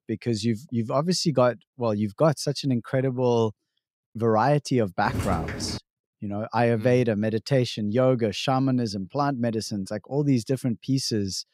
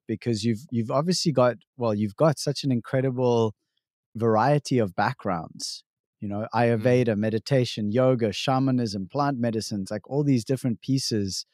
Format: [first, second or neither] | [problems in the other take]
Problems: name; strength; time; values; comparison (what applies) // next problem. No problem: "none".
second | footsteps; noticeable; at 5 s; peak 5 dB below the speech